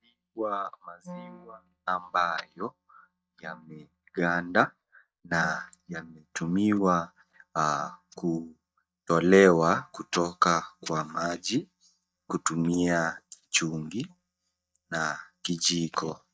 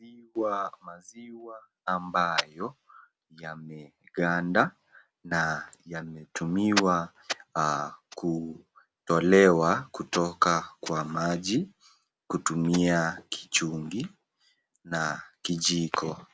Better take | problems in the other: second | noise reduction (neural mask model DeepFilterNet 3)

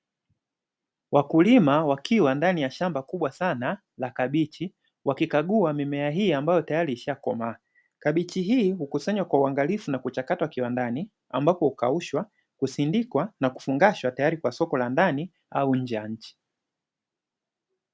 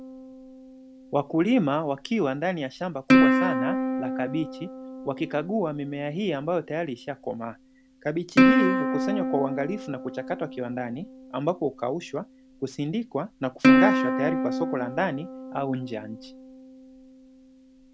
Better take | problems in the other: first | background sound (Plucked string instrument); 2 dB above the speech

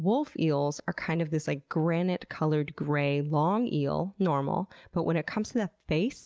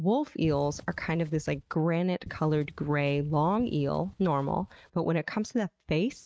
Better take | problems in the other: first | noise reduction (neural mask model RNNoise)

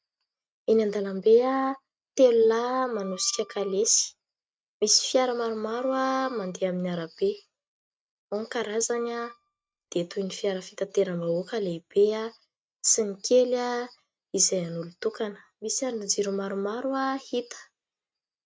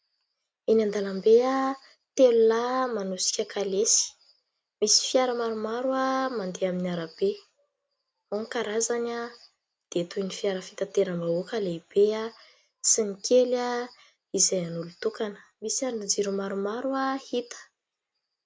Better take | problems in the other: second | noise reduction (neural mask model RNNoise)

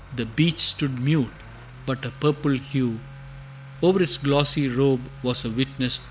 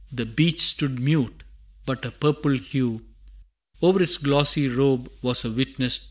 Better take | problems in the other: second | background sound (Accelerating, revving, vroom / Motor vehicle (road)); 17 dB below the speech

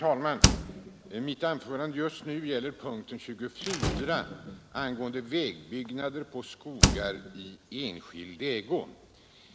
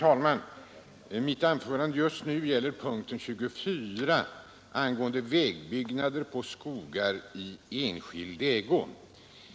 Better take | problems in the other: second | background sound (Slam); as loud as the speech

